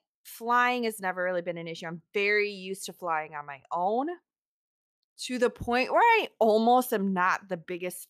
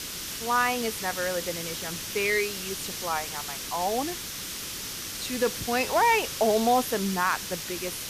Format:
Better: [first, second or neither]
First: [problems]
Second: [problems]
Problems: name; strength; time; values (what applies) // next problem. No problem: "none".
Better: first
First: none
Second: hiss; loud; throughout; 5 dB below the speech